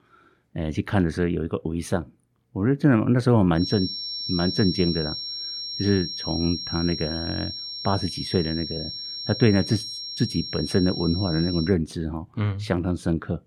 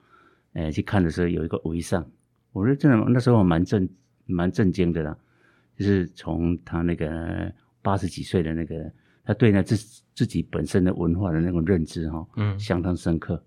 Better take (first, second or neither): second